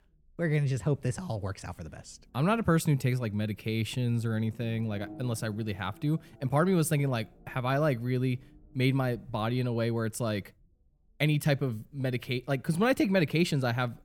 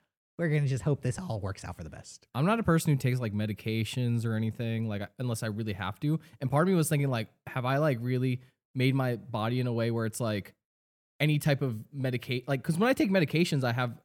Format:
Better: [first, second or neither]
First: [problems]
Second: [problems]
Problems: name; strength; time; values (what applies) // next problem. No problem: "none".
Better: second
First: low rumble; faint; throughout; 25 dB below the speech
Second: none